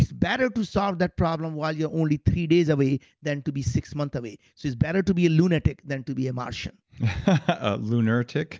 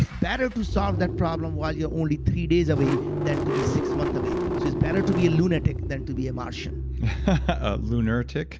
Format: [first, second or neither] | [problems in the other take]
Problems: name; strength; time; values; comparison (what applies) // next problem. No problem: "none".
first | background sound (Engine starting / Car); 2 dB below the speech